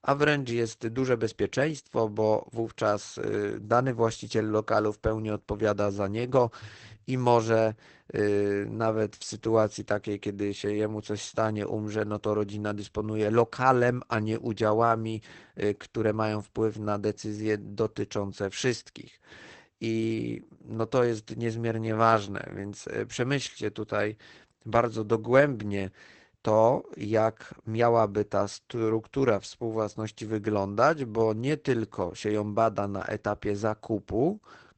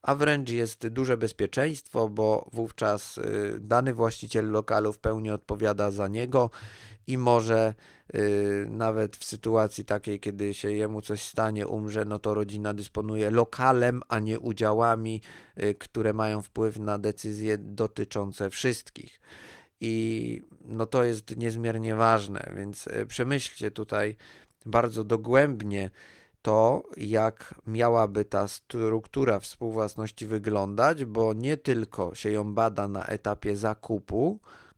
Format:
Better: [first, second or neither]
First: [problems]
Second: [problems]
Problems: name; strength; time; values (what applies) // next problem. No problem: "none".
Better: second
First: garbled, watery; badly; nothing above 8 kHz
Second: garbled, watery; slightly